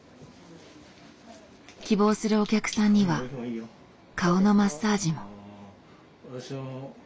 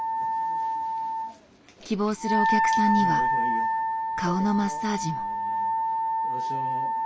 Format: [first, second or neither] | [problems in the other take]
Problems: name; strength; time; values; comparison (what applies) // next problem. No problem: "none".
first | background sound (Wind instrument, woodwind instrument); 4 dB above the speech